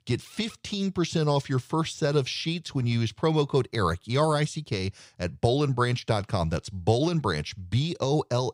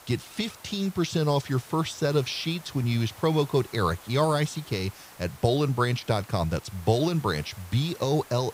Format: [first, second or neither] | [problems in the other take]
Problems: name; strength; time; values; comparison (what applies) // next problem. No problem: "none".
first | hiss; noticeable; throughout; 20 dB below the speech